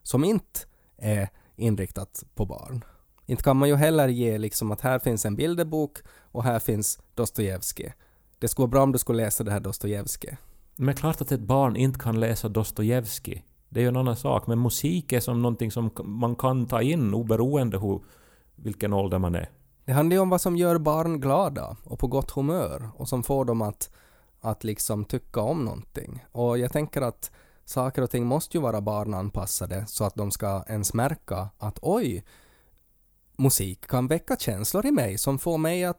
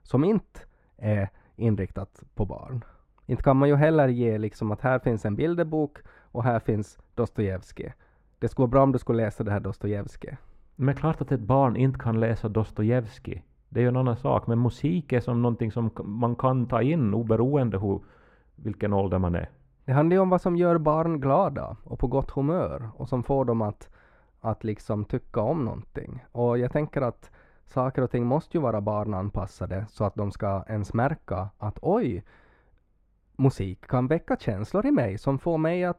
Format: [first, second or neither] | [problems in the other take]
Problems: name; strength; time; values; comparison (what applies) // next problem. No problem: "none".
first | muffled; very; fading above 2 kHz